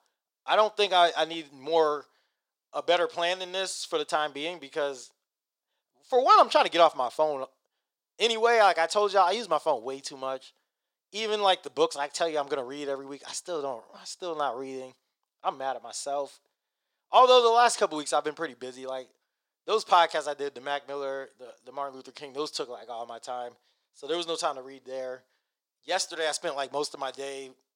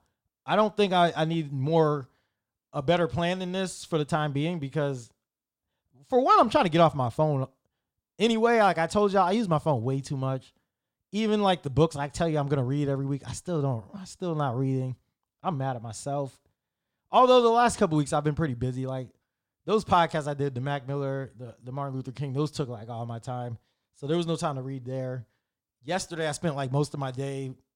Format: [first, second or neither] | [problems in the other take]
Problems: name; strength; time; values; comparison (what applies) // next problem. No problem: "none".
second | thin; very; fading below 450 Hz